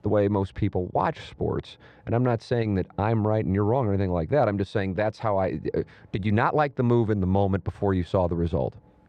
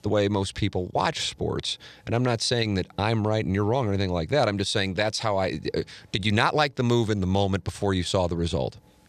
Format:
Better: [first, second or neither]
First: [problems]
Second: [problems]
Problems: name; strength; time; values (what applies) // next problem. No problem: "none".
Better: second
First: muffled; very; fading above 3 kHz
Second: none